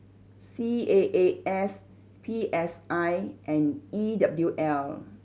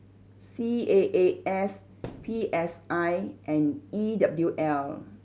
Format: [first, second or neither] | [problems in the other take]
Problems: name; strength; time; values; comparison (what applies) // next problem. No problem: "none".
first | background sound (Thump, thud); 19 dB below the speech